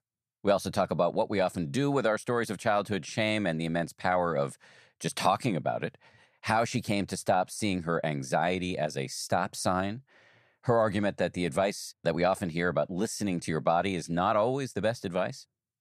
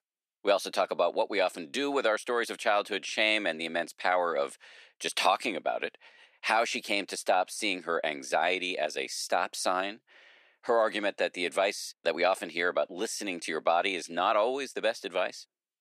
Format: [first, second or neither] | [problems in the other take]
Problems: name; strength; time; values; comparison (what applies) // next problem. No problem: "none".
first | thin; somewhat; fading below 300 Hz